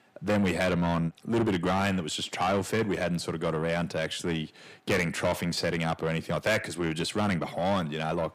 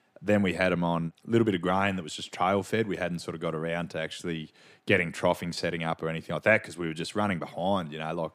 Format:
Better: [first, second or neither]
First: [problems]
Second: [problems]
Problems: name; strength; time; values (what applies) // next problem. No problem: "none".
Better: second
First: distortion; heavy; 7 dB below the speech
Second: none